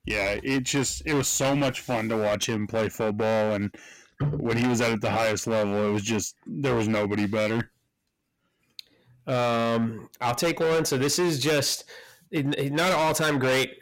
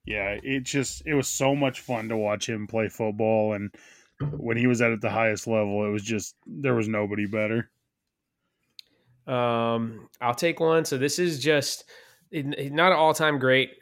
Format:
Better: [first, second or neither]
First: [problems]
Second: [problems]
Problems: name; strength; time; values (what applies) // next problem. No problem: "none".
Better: second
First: distortion; heavy; 16% of the sound clipped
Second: none